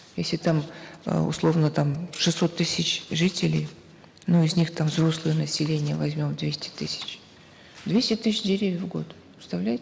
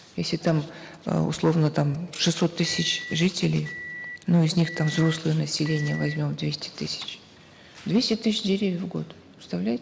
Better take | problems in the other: first | background sound (Microwave oven); 14 dB below the speech

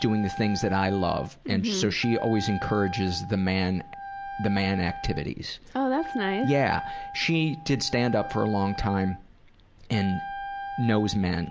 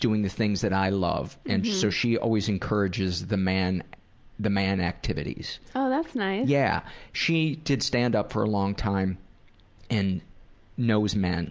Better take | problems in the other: second | background sound (Wind instrument, woodwind instrument); 11 dB below the speech

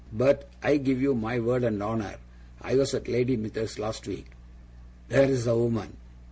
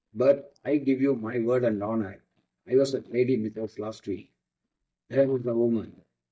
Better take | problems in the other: first | noise reduction (neural mask model DeepFilterNet 3)

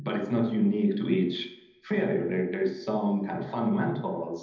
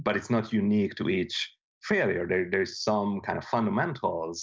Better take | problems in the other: second | room echo; dies away in 0.9 s

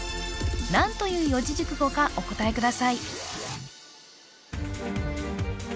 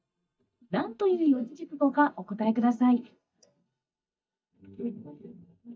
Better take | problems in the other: first | noise reduction (neural mask model DeepFilterNet 3)

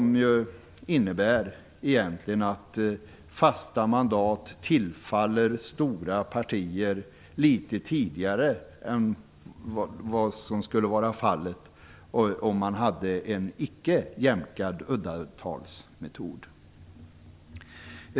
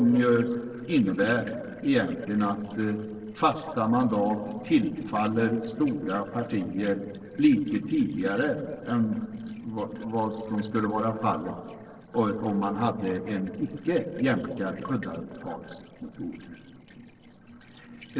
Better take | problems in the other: first | noise reduction (neural separator model SepFormer DNS4)

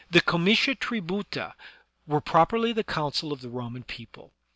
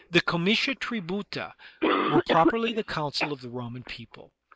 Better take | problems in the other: first | noise reduction (neural mask model Resemble Enhance denoiser)

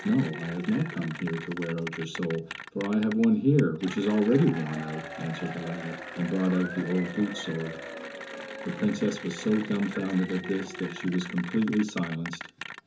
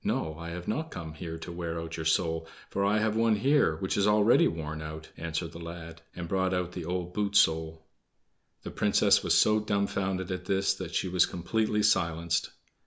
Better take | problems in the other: second | background sound (Applause / Cheering); 12 dB below the speech // room echo; dies away in 0.3 s

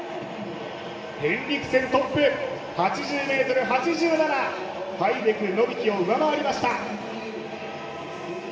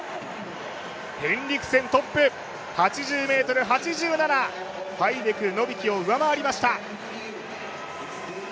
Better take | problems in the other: second | room echo; dies away in 1.8 s

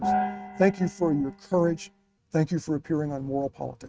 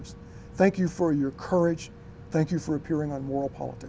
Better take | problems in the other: second | noise reduction (neural mask model RNNoise)

